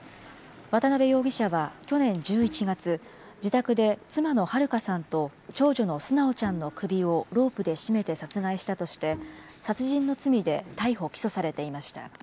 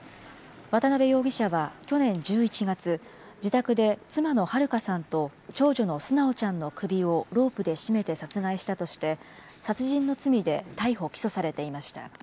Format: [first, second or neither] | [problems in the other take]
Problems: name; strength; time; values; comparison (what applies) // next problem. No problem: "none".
second | background sound (Bowed string instrument); 19 dB below the speech